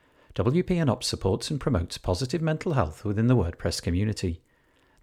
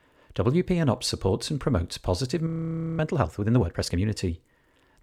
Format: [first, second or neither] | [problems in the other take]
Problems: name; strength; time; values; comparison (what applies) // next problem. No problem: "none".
first | audio freezing; at 2.5 s for 0.5 s